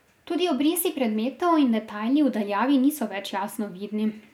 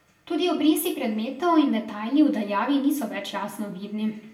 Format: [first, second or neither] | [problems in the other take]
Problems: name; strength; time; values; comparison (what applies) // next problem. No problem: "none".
first | room echo; dies away in 0.5 s